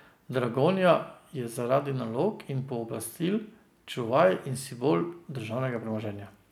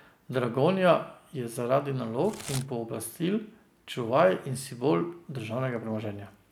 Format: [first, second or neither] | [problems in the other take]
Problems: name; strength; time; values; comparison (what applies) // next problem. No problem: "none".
first | background sound (Packing tape, duct tape / Tearing); 18 dB below the speech